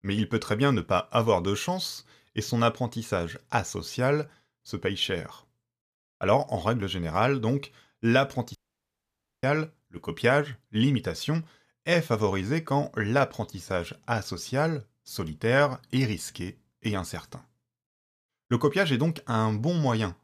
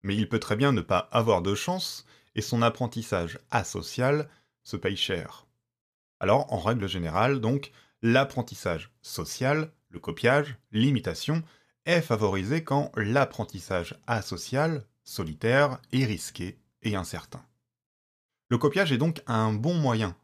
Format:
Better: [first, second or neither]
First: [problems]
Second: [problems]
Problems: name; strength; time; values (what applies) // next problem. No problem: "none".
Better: second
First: audio cutting out; at 8.5 s for 1 s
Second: none